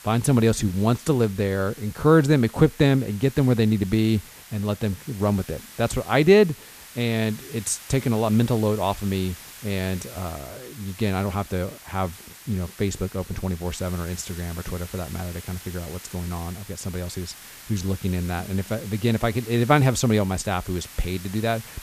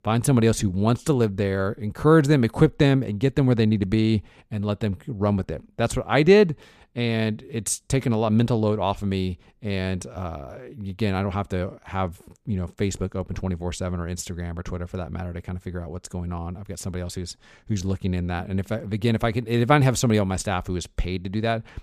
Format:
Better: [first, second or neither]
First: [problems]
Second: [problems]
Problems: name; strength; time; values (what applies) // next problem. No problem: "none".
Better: second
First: hiss; noticeable; throughout; 15 dB below the speech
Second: none